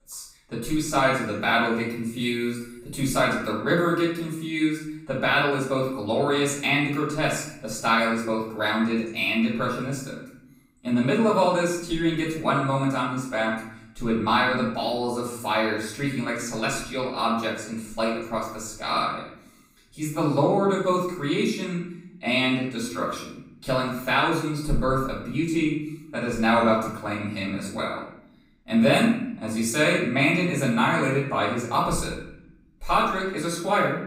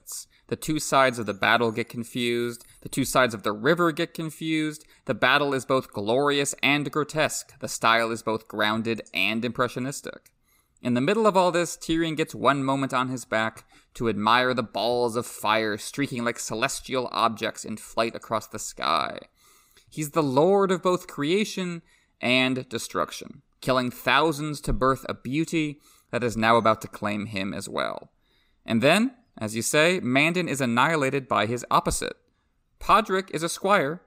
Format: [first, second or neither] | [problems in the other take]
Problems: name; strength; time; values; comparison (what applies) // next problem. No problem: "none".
second | room echo; noticeable; dies away in 0.7 s // off-mic speech; far